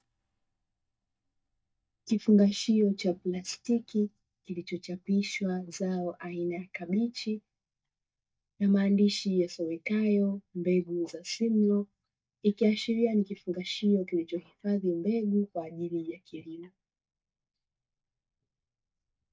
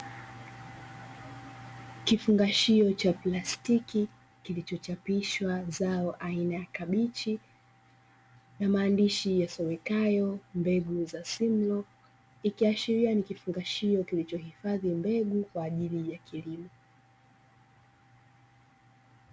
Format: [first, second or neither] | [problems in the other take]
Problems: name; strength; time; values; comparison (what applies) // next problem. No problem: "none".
second | noise reduction (neural mask model DeepFilterNet 3)